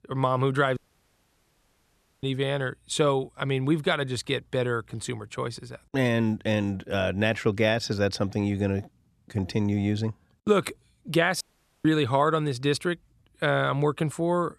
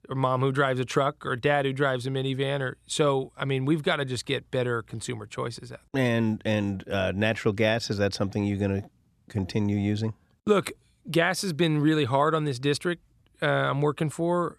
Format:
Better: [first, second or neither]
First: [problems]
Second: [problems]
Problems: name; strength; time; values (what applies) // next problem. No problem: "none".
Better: second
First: audio cutting out; at 1 s for 1.5 s and at 11 s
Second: none